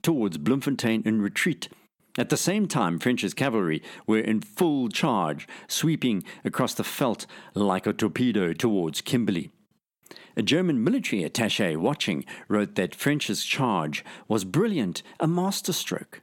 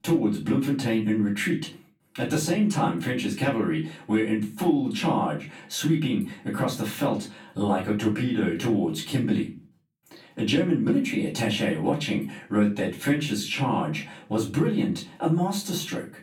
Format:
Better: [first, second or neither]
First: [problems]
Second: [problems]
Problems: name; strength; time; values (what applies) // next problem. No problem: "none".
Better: first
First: none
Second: off-mic speech; far // room echo; slight; dies away in 0.3 s